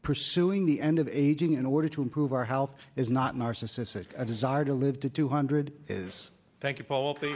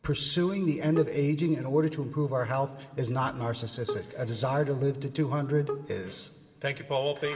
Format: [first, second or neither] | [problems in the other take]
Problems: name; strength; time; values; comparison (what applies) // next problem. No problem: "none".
first | background sound (Bowed string instrument); 13 dB below the speech // room echo; dies away in 2.2 s